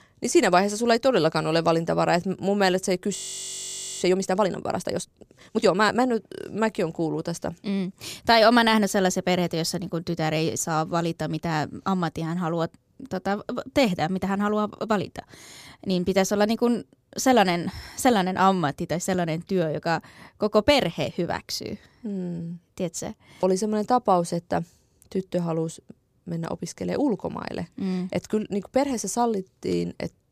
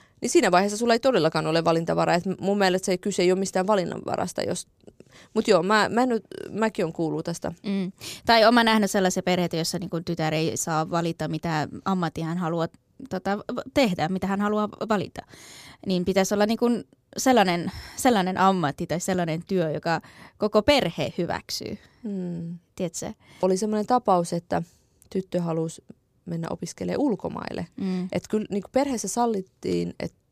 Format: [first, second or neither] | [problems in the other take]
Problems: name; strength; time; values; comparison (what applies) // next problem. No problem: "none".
second | audio freezing; at 3 s for 1 s